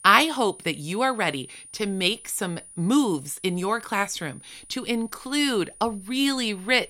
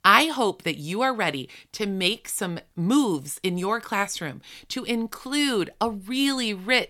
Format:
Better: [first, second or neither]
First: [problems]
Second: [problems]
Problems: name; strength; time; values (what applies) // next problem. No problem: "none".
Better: second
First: high-pitched whine; noticeable; throughout; 9.5 kHz, 20 dB below the speech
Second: none